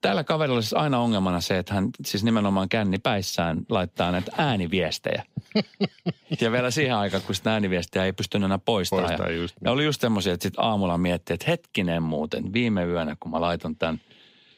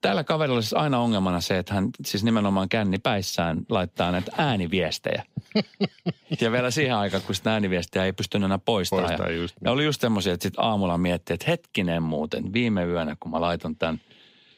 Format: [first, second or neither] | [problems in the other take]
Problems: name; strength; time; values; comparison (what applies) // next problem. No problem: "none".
neither | none